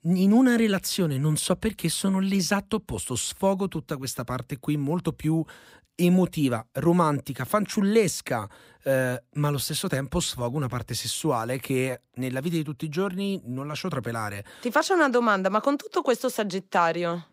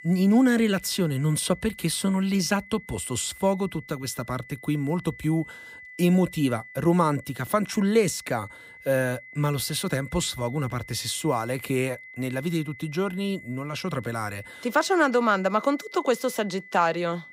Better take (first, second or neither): first